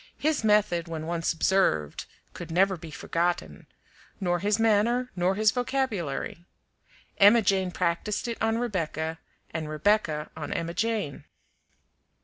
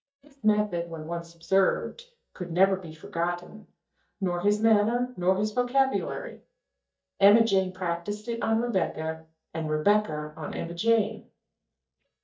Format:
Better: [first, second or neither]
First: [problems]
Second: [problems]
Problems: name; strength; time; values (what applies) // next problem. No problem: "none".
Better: first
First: none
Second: noise reduction (neural mask model DeepFilterNet 3)